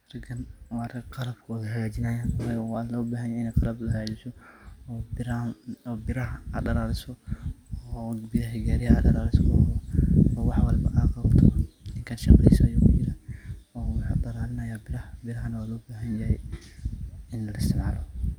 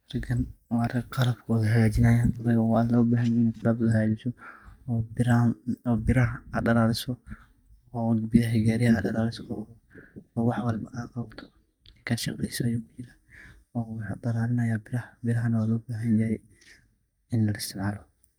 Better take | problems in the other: first | noise reduction (neural mask model DeepFilterNet 3)

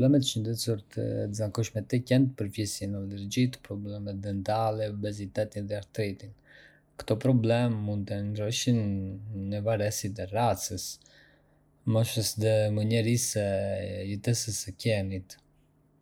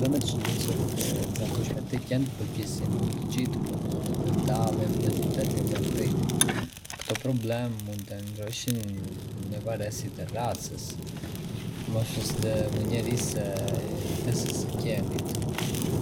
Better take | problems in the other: first | background sound (Fire); 3 dB above the speech

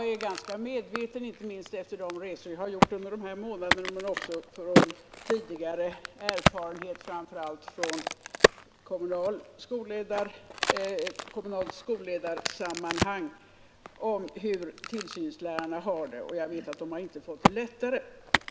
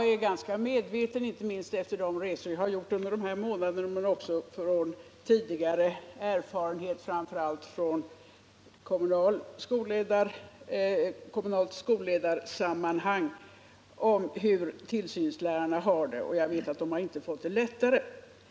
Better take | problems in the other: second | background sound (Crack); 2 dB above the speech

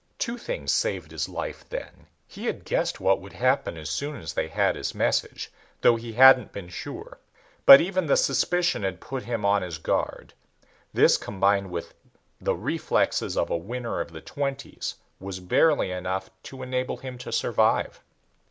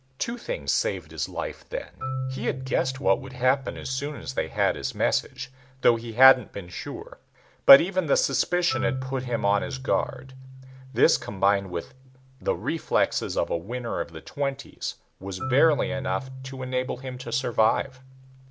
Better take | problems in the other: first | background sound (Marimba, xylophone); 12 dB below the speech

